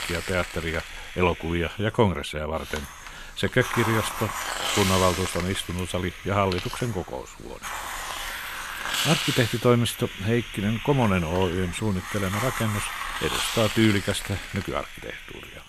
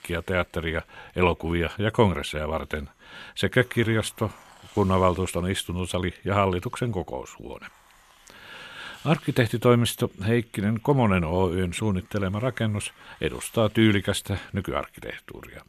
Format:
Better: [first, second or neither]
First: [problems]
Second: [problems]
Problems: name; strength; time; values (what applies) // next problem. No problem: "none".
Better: second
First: hiss; loud; throughout; 5 dB below the speech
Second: hiss; faint; throughout; 30 dB below the speech